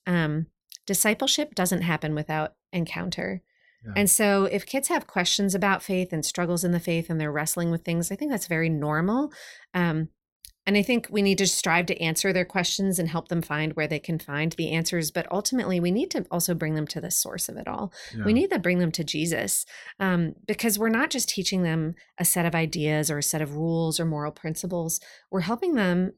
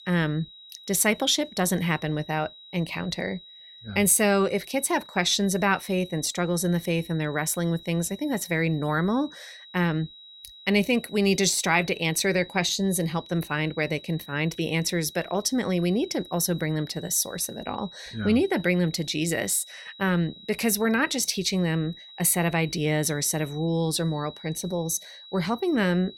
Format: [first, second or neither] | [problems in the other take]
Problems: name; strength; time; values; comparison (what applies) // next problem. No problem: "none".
first | high-pitched whine; noticeable; throughout; 4 kHz, 20 dB below the speech